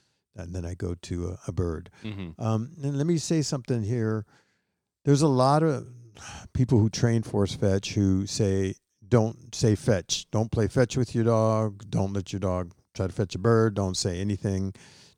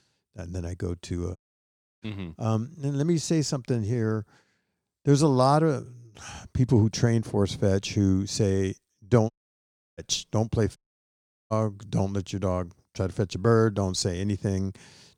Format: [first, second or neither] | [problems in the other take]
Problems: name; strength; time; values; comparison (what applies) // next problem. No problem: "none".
first | audio cutting out; at 1.5 s for 0.5 s, at 9.5 s for 0.5 s and at 11 s for 0.5 s